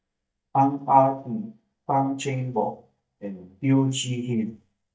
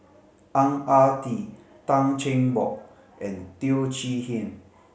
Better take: second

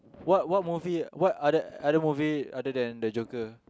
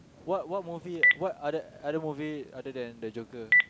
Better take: first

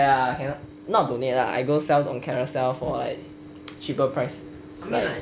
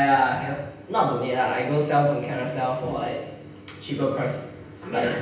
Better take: first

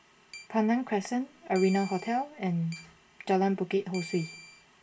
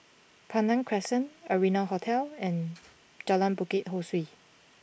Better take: second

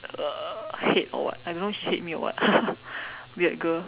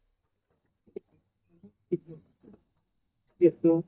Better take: first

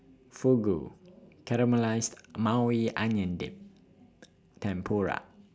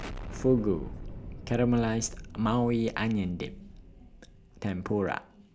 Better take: first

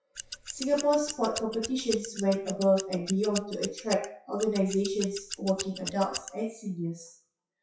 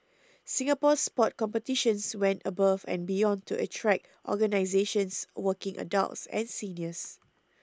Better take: second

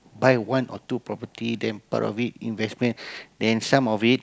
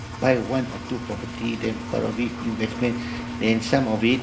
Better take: first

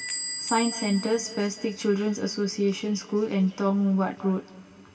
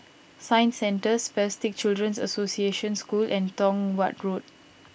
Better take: second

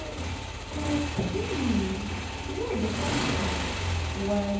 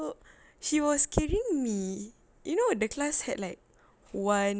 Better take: second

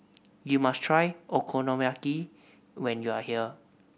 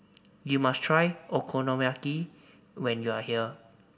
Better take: first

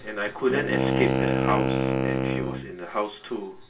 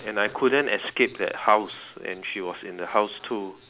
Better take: second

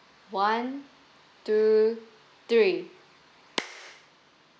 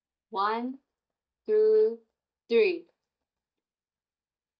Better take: first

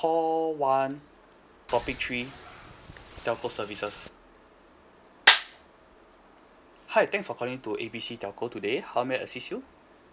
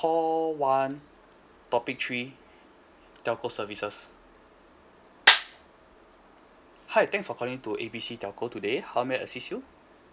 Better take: second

